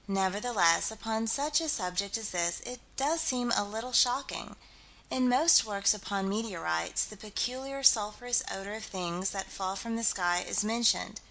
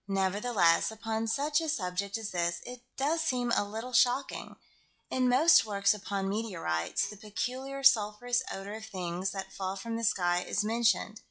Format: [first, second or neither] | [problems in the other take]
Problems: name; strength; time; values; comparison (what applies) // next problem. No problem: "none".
first | noise reduction (classical method log-MMSE)